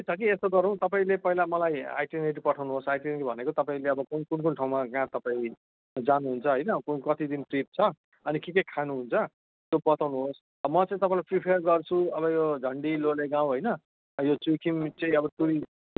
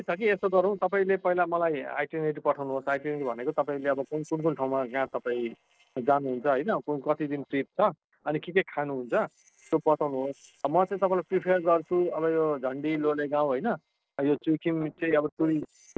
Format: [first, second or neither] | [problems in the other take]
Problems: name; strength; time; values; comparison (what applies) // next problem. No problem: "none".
first | noise reduction (neural separator model SepFormer DNS4)